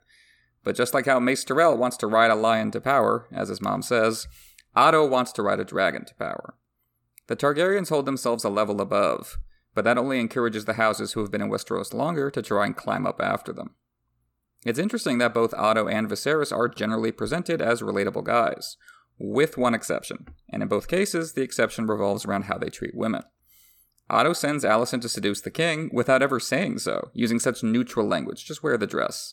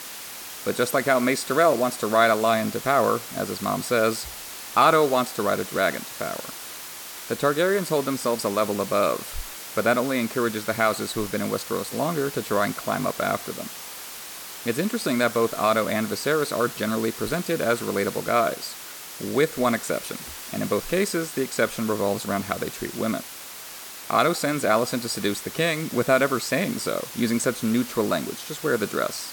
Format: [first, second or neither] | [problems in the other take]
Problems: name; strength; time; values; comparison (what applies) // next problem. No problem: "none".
first | hiss; noticeable; throughout; 10 dB below the speech